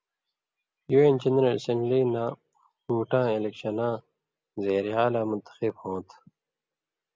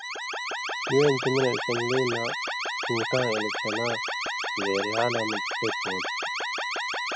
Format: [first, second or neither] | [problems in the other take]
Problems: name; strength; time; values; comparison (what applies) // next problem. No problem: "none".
first | noise reduction (classical method spectral subtraction)